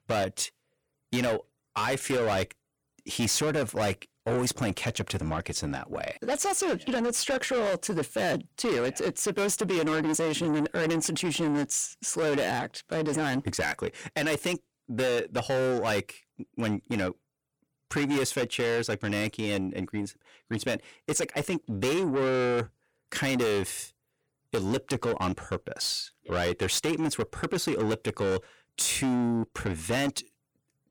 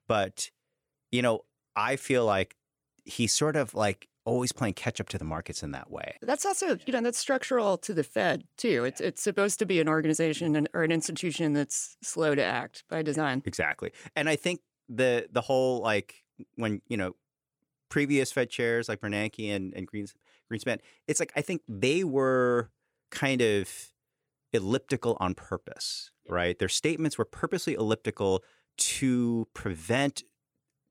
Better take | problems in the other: second | distortion; heavy; 7 dB below the speech

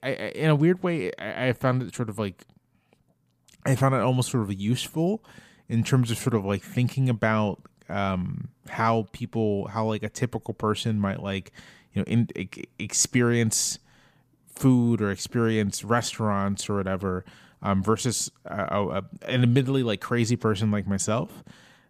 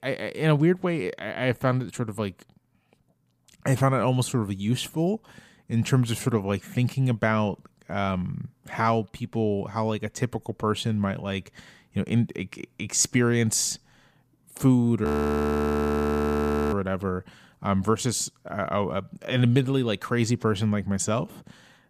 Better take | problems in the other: first | audio freezing; at 15 s for 1.5 s

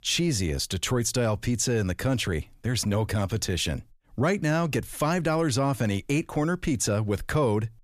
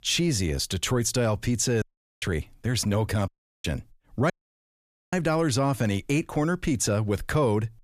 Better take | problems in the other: first | audio cutting out; at 2 s, at 3.5 s and at 4.5 s for 1 s

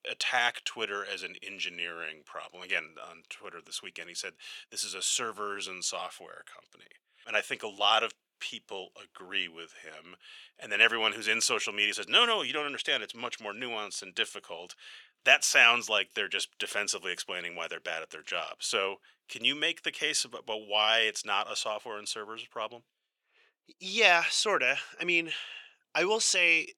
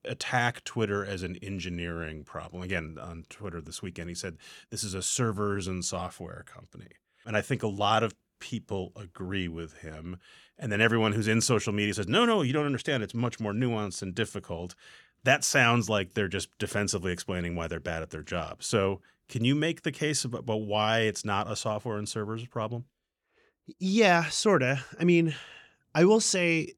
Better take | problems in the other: second | thin; very; fading below 600 Hz

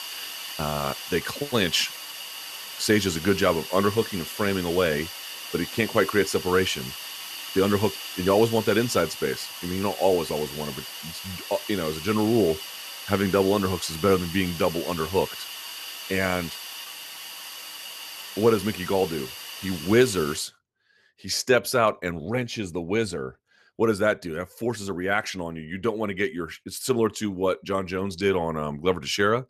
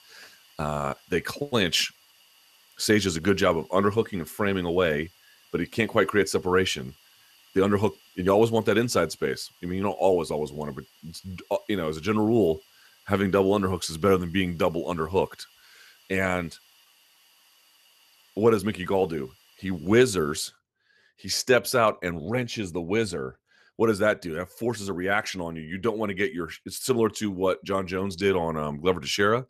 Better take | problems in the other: second | hiss; loud; until 20 s; 9 dB below the speech; faint in the second

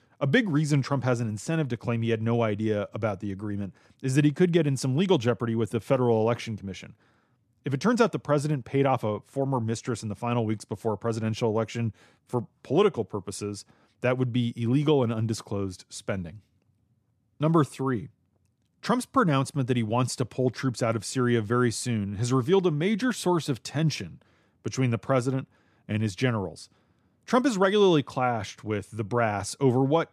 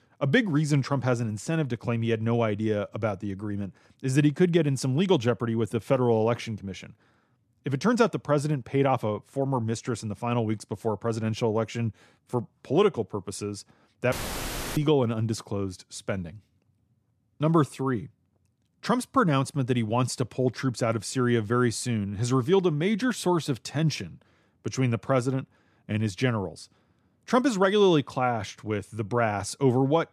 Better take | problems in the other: first | audio cutting out; filled with static; at 14 s for 0.5 s

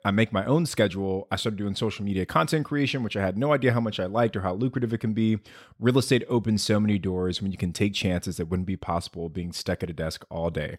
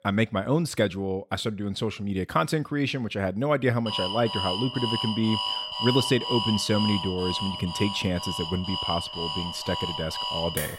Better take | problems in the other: first | alarm; loud; from 4 s on; peak 1 dB above the speech

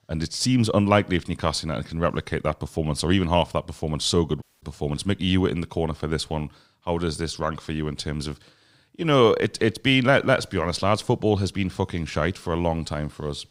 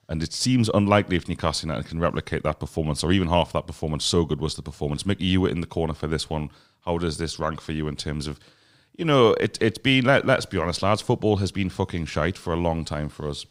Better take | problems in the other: second | audio cutting out; at 4.5 s

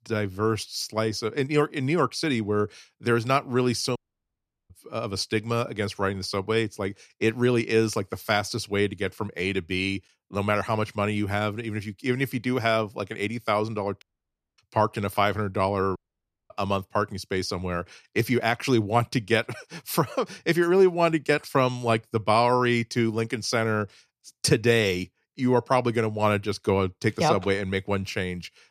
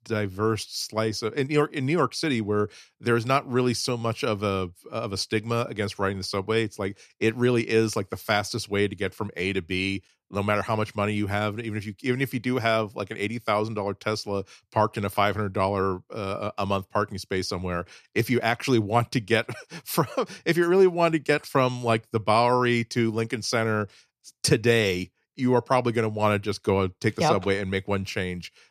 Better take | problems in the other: second | audio cutting out; at 4 s for 0.5 s, at 14 s for 0.5 s and at 16 s for 0.5 s

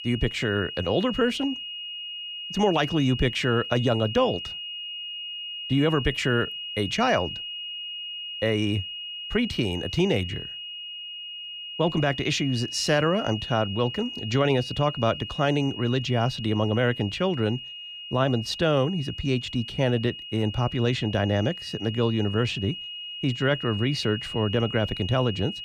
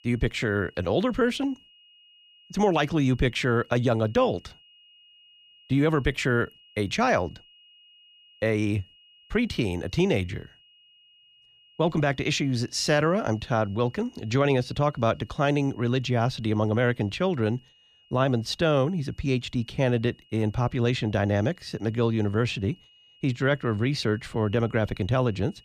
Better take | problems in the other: second | high-pitched whine; loud; throughout; 3 kHz, 8 dB below the speech; faint in the second

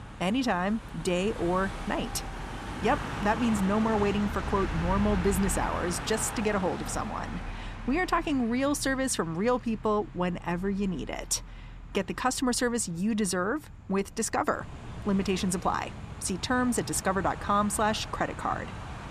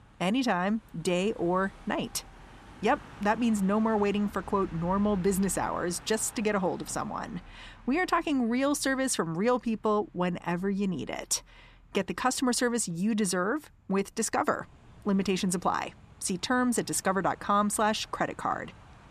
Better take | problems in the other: second | traffic noise; loud; throughout; 10 dB below the speech; faint in the second

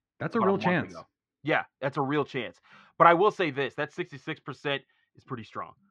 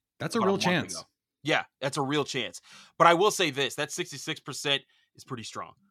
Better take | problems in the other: second | muffled; very; fading above 2 kHz

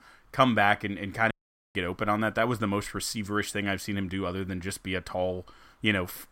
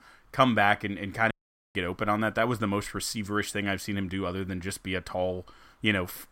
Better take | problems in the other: neither | audio cutting out; at 1.5 s; the same in both

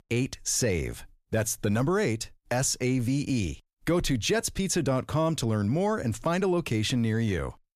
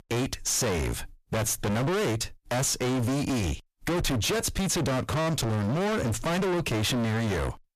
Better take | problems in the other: first | distortion; heavy; 46% of the sound clipped

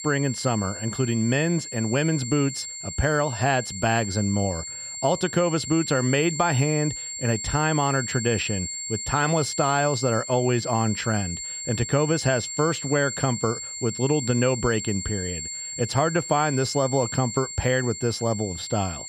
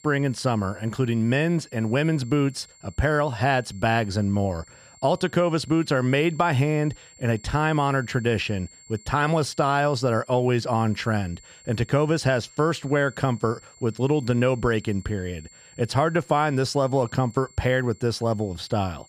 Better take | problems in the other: second | high-pitched whine; loud; throughout; 7.5 kHz, 7 dB below the speech; faint in the second

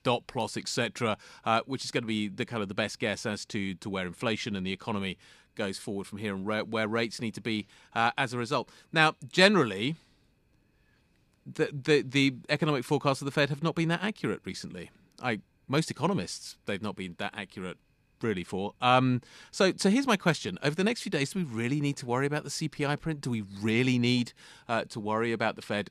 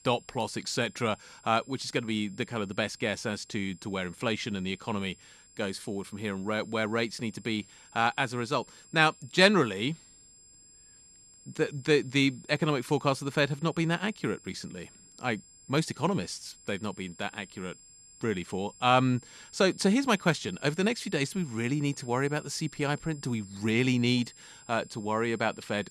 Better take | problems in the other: first | high-pitched whine; faint; throughout; 7.5 kHz, 25 dB below the speech

